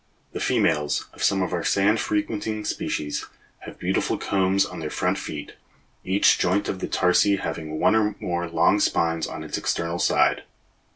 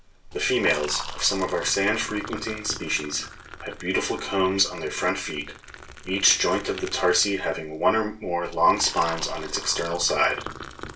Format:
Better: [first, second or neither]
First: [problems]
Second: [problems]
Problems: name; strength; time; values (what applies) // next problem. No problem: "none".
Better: first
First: none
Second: background sound (Liquid); 13 dB below the speech // room echo; dies away in 0.2 s